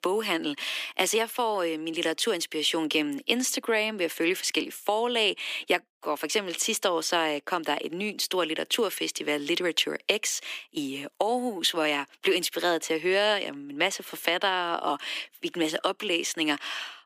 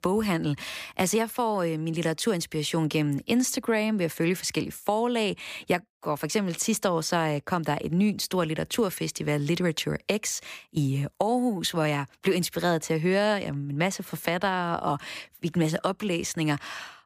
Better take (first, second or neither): second